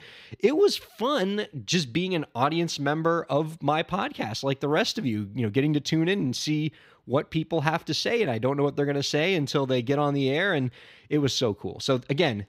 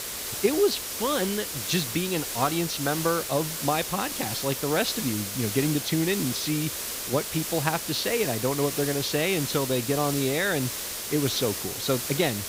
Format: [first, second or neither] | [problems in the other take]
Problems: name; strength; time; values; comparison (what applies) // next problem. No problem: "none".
first | hiss; loud; throughout; 3 dB below the speech